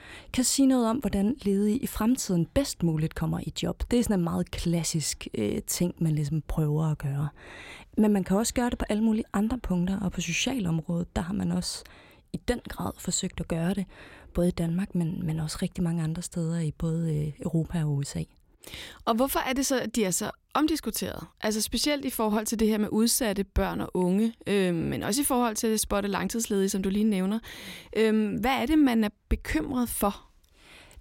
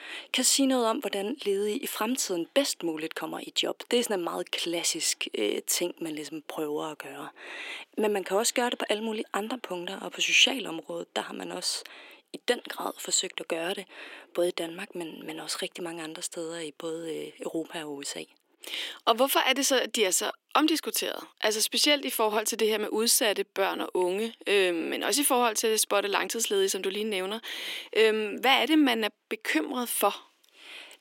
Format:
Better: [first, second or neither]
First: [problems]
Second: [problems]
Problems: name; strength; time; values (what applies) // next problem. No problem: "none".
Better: first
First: none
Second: thin; somewhat; fading below 300 Hz